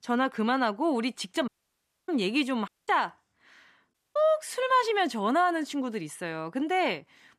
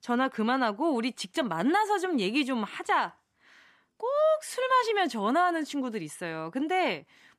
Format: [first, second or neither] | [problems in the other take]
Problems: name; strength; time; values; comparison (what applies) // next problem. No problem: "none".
second | audio cutting out; at 1.5 s for 0.5 s, at 2.5 s and at 4 s